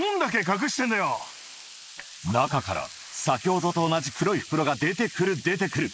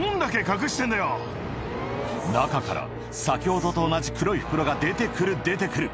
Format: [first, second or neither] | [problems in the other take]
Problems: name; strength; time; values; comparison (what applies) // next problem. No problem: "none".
second | noise reduction (neural mask model Resemble Enhance denoiser)